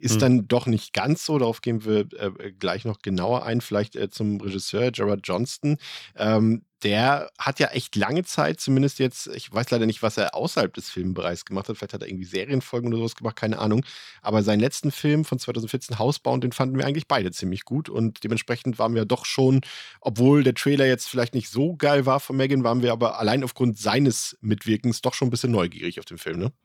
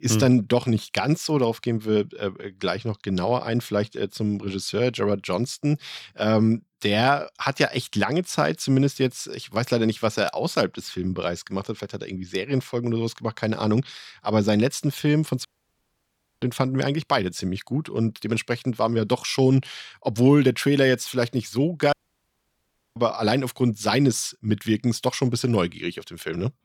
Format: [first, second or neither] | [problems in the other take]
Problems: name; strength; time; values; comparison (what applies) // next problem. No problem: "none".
first | audio cutting out; at 15 s for 1 s and at 22 s for 1 s